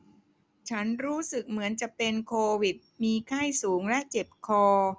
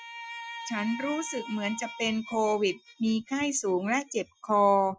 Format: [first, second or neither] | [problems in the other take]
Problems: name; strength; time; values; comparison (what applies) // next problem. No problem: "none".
first | noise reduction (classical method Wiener filter)